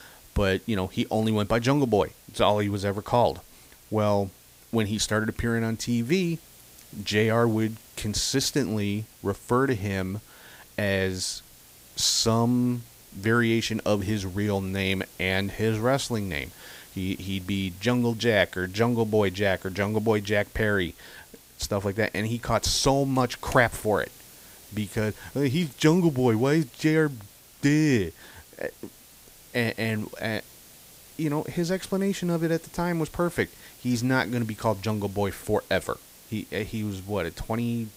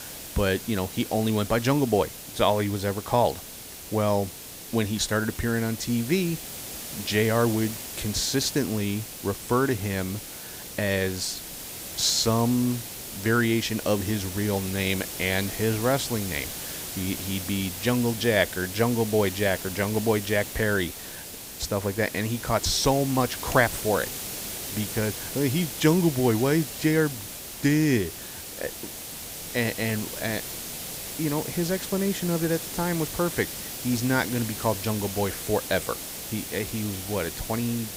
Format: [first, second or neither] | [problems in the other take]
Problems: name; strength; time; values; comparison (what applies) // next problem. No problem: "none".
first | hiss; loud; throughout; 8 dB below the speech; faint in the first